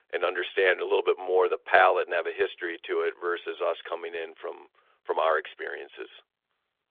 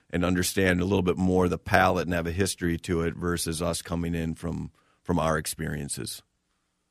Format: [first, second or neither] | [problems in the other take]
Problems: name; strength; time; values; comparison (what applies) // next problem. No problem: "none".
second | phone-call audio; nothing above 3.5 kHz